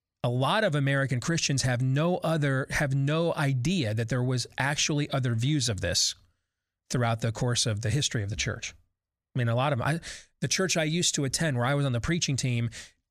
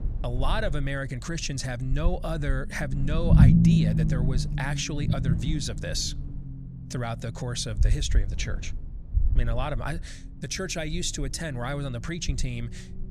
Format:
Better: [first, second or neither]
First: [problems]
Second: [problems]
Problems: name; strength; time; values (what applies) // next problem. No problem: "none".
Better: first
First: none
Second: low rumble; loud; throughout; 3 dB below the speech